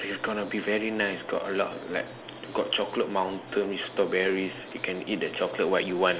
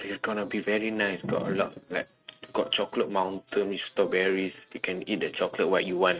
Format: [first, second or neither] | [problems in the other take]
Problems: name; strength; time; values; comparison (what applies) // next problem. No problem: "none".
first | noise reduction (neural mask model RNNoise)